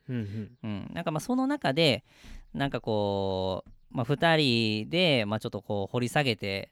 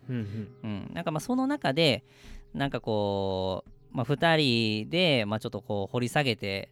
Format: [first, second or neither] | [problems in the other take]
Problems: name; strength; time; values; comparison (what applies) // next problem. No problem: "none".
first | background music; faint; throughout; 30 dB below the speech